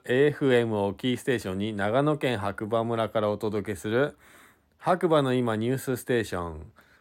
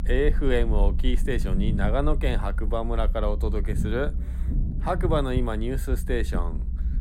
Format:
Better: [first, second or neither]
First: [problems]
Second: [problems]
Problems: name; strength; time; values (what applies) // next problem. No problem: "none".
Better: first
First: none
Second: low rumble; noticeable; throughout; 15 dB below the speech